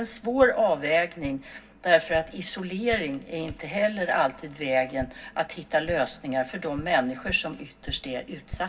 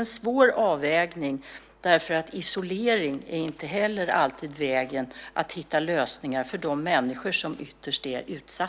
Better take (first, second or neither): second